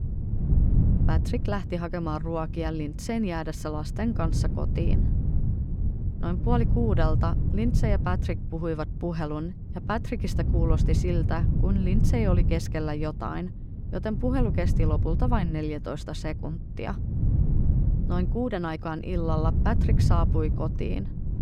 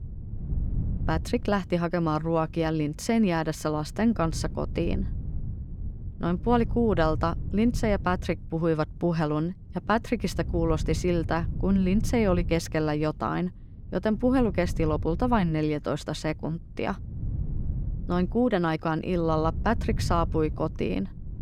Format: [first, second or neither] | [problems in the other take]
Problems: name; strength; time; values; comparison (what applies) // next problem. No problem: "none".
second | wind noise on the microphone; heavy; 8 dB below the speech; occasional gusts in the second